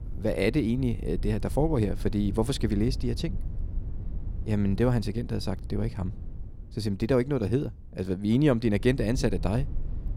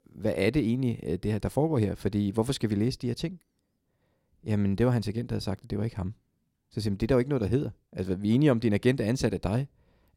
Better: second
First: low rumble; faint; throughout; 20 dB below the speech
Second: none

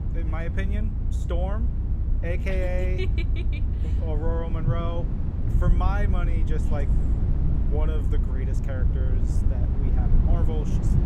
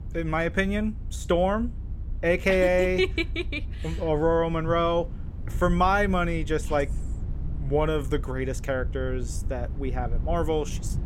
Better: second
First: low rumble; loud; throughout; 4 dB below the speech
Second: low rumble; faint; throughout; 25 dB below the speech

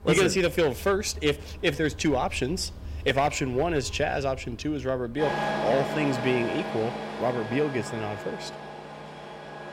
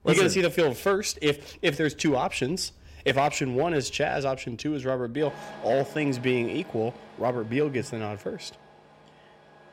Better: second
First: traffic noise; loud; throughout; 8 dB below the speech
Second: traffic noise; faint; throughout; 20 dB below the speech

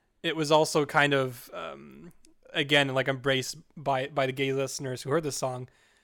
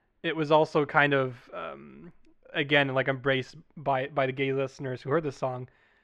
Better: first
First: none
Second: muffled; very; fading above 2 kHz

